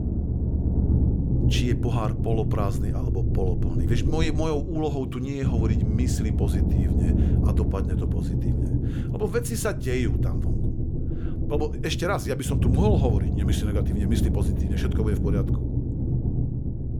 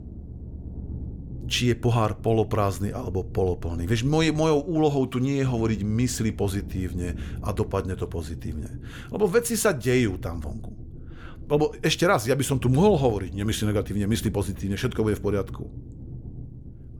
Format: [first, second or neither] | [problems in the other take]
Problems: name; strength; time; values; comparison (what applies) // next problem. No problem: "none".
second | low rumble; loud; throughout; 4 dB below the speech; faint in the second